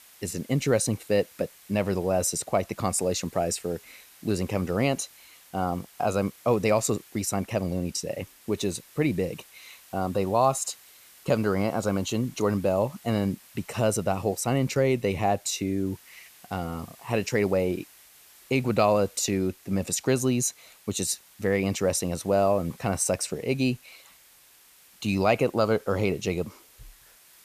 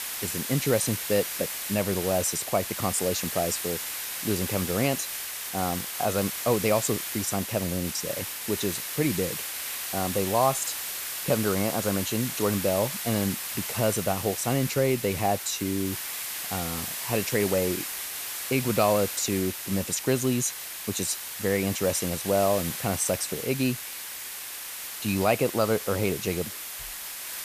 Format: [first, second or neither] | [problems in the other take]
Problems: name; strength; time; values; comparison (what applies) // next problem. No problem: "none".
first | hiss; loud; throughout; 4 dB below the speech; faint in the first